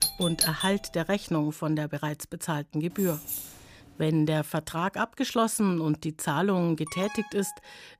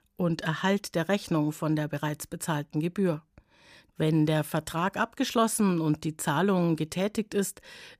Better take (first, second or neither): second